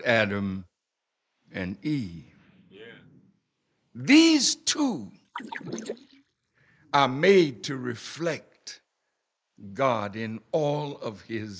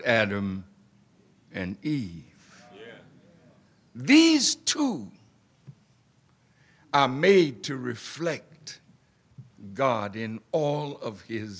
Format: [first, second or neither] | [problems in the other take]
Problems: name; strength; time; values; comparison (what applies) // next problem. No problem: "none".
second | noise reduction (neural mask model Resemble Enhance denoiser)